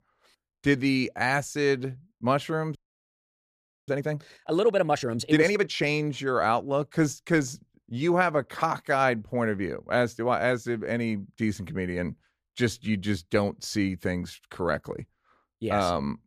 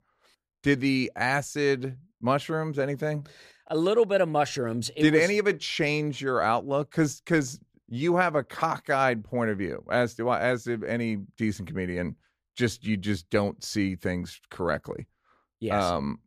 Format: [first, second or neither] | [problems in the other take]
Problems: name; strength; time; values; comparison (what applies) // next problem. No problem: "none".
second | audio freezing; at 3 s for 1 s